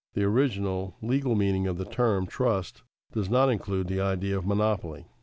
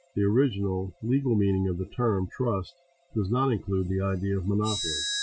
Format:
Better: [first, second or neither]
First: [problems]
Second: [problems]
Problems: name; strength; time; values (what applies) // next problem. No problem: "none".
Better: first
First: none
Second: noise reduction (classical method Wiener filter)